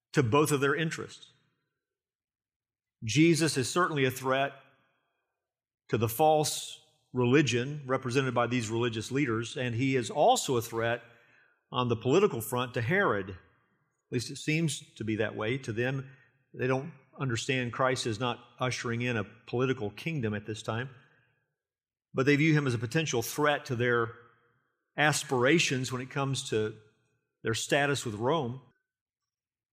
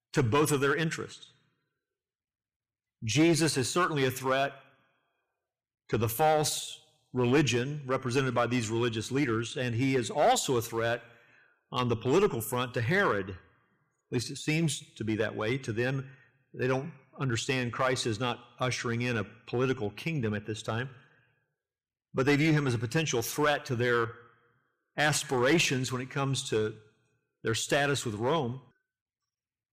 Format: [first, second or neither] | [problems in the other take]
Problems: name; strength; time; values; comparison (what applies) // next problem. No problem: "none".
first | distortion; slight; 3% of the sound clipped